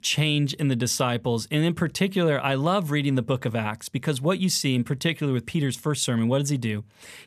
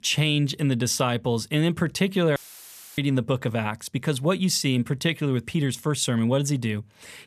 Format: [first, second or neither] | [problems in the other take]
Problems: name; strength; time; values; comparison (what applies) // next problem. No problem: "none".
first | audio cutting out; filled with static; at 2.5 s for 0.5 s